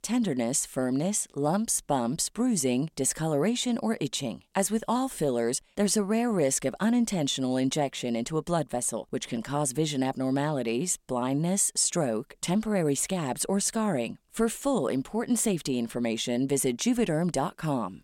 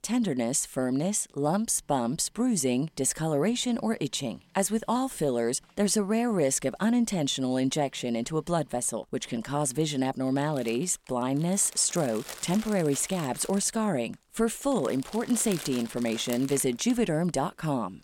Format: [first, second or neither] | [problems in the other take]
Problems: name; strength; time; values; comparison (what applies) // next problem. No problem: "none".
first | household noises; noticeable; throughout; 15 dB below the speech